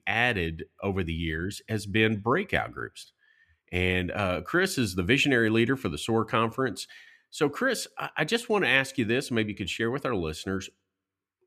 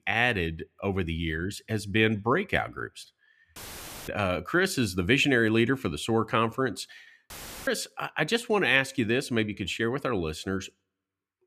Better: first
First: none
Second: audio cutting out; filled with static; at 3.5 s for 0.5 s and at 7.5 s

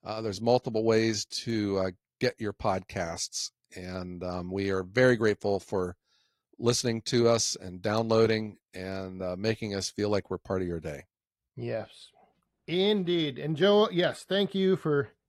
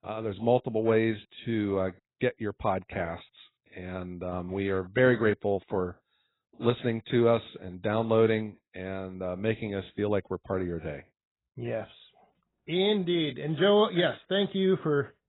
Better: first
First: garbled, watery; slightly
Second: garbled, watery; badly; nothing above 4 kHz

